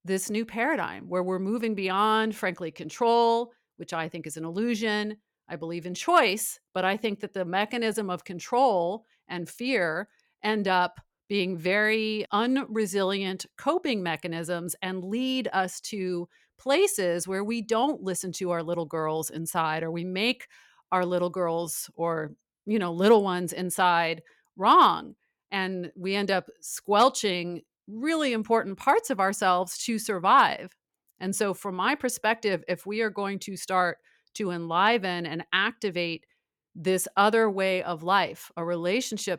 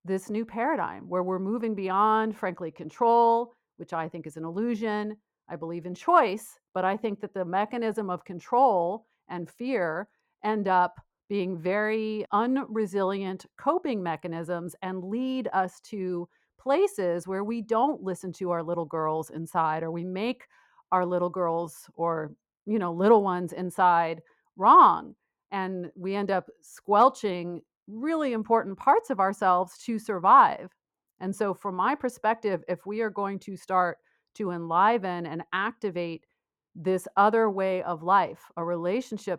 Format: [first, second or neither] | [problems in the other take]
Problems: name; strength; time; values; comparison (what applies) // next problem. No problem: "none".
first | muffled; very; fading above 2 kHz